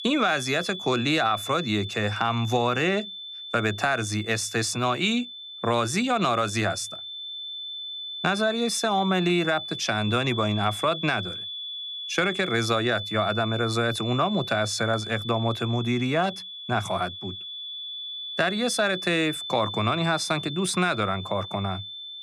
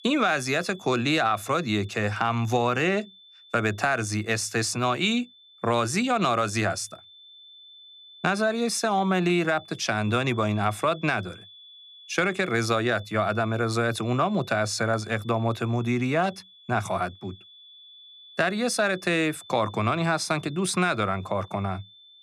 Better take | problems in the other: second | high-pitched whine; loud; throughout; 3.5 kHz, 8 dB below the speech; faint in the second

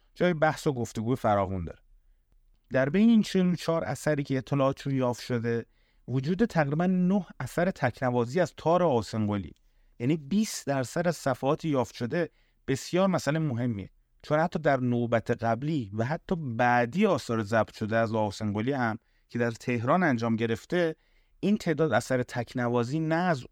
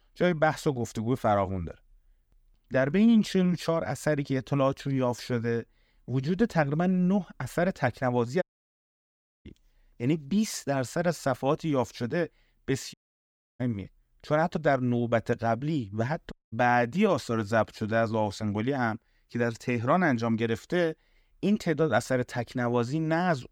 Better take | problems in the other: first | audio cutting out; at 8.5 s for 1 s, at 13 s for 0.5 s and at 16 s

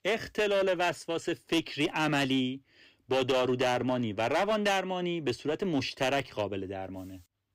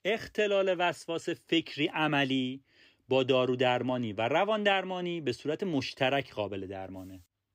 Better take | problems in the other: second | distortion; slight; 8% of the sound clipped

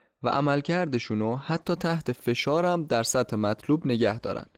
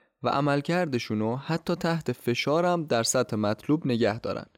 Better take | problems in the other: second | garbled, watery; slightly; nothing above 16.5 kHz

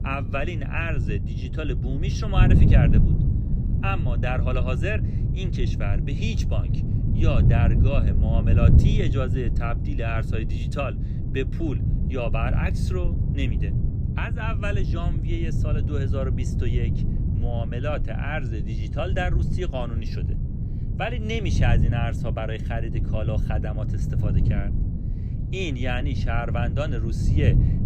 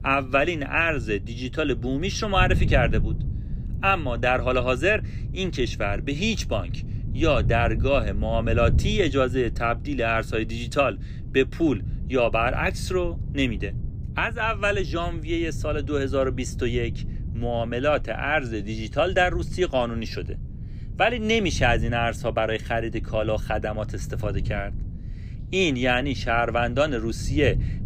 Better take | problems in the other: second | wind noise on the microphone; heavy; 5 dB below the speech; occasional gusts in the second

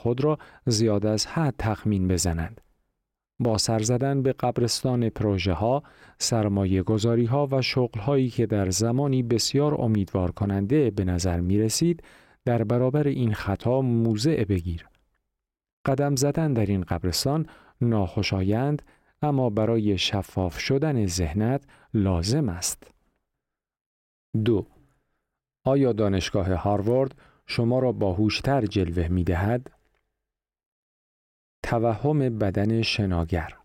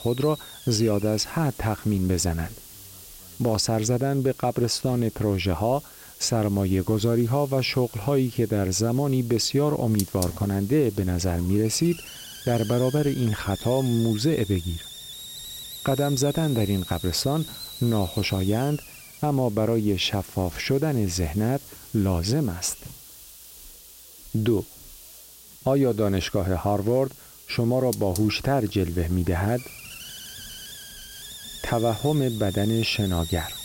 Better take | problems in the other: first | hiss; noticeable; throughout; 15 dB below the speech

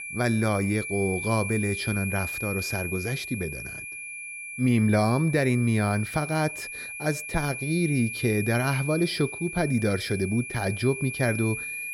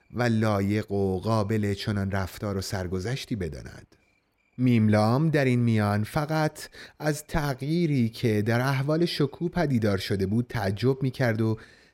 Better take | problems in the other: second | high-pitched whine; loud; throughout; 2.5 kHz, 7 dB below the speech

